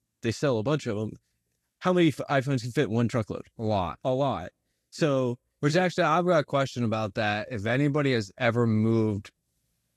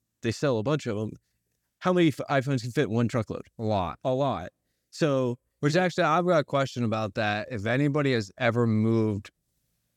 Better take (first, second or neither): second